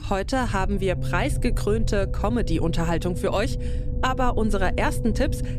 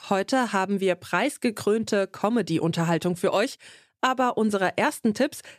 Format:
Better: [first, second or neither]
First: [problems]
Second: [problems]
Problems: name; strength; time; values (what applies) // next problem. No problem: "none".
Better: second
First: low rumble; noticeable; throughout; 15 dB below the speech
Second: none